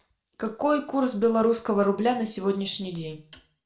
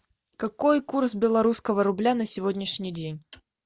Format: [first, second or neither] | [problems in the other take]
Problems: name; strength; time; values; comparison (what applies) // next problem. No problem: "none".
second | room echo; dies away in 0.4 s